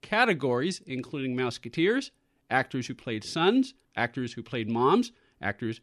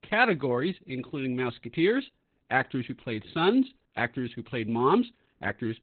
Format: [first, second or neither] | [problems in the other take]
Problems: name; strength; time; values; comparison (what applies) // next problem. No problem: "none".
first | garbled, watery; badly; nothing above 4 kHz